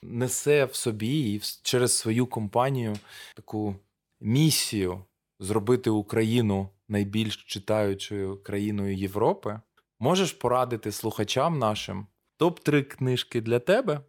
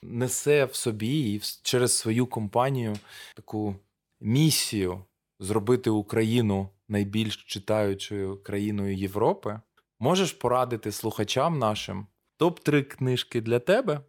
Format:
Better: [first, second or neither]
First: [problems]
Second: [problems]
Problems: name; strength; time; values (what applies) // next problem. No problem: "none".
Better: neither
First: none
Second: none